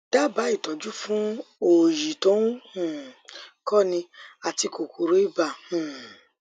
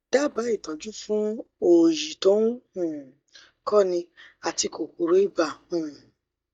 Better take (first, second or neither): first